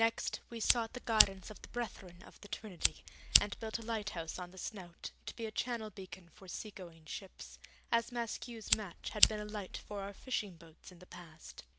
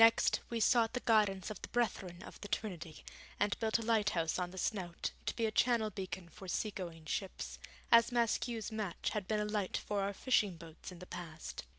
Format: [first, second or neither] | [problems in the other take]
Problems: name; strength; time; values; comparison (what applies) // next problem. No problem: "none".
second | background sound (Fire); 4 dB above the speech